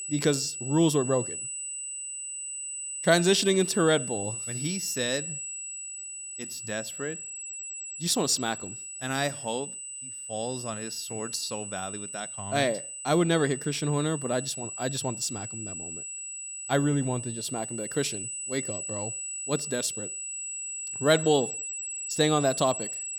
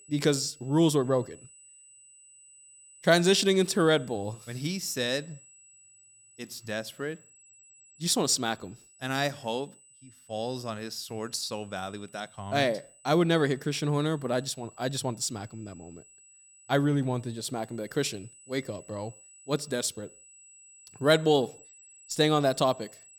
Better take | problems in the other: second | high-pitched whine; loud; throughout; 8 kHz, 6 dB below the speech; faint in the second

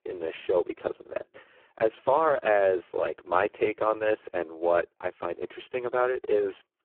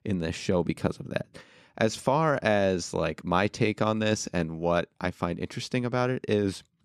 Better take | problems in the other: second | phone-call audio; poor line

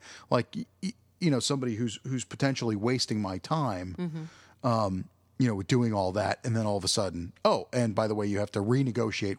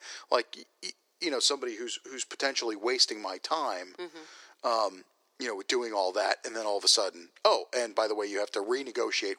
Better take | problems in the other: first | thin; very; fading below 350 Hz

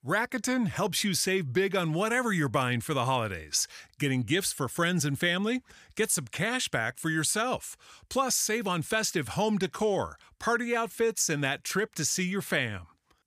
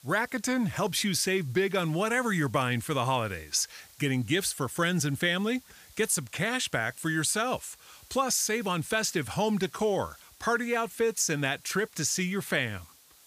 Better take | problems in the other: first | hiss; faint; throughout; 25 dB below the speech

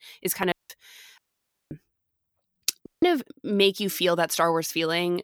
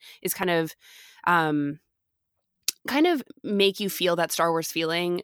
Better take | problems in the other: second | audio cutting out; at 0.5 s, at 1 s for 0.5 s and at 3 s

